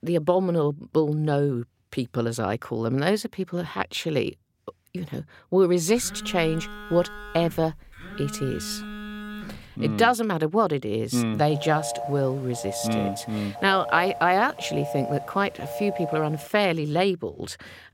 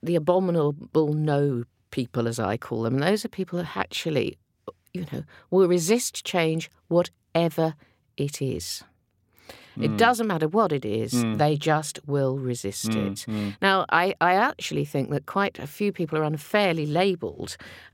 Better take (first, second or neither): second